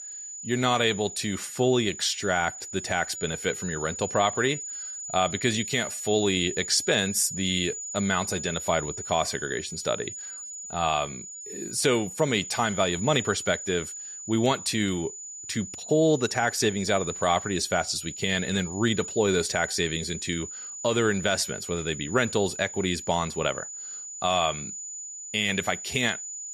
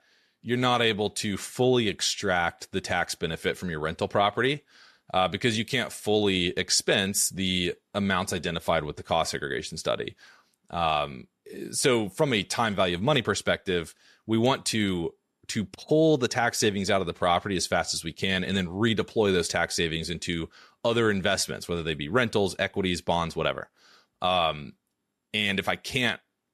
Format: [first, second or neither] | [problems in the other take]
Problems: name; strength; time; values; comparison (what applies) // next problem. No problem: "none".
second | high-pitched whine; loud; throughout; 7 kHz, 9 dB below the speech